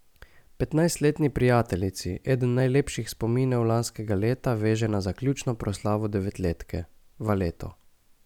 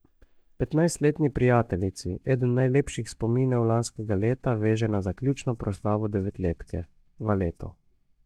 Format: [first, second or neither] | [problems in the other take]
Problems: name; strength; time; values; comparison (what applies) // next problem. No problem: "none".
first | noise reduction (neural mask model DeepFilterNet 3)